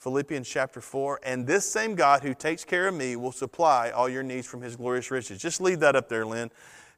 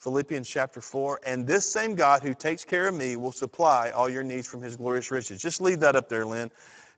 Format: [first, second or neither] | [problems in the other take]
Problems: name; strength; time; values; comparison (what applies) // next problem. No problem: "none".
first | garbled, watery; badly; nothing above 7.5 kHz